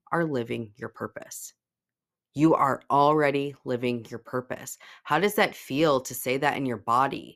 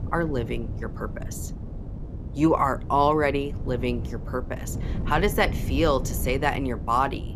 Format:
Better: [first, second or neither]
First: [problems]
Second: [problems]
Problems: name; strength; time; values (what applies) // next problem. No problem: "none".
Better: first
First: none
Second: wind noise on the microphone; occasional gusts; 20 dB below the speech